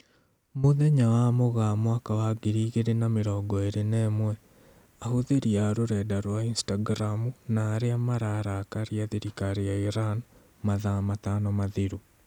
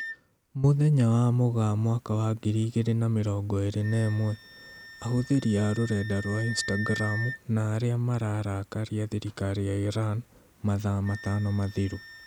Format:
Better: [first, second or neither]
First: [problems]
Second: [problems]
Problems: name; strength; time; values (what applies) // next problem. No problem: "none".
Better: first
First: none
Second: background sound (Wind instrument, woodwind instrument); 16 dB below the speech